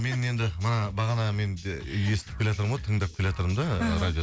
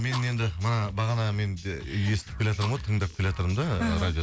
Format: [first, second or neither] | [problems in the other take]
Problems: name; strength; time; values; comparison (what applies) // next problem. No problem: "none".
first | background sound (Fire); 19 dB below the speech